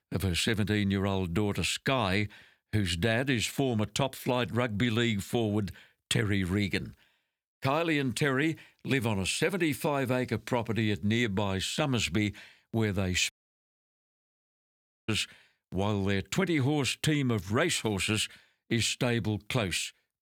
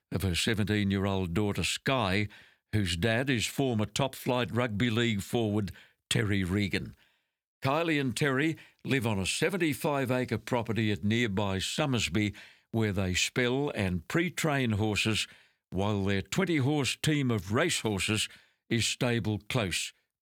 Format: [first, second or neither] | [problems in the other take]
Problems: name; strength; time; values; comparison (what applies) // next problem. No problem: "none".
second | audio cutting out; at 13 s for 2 s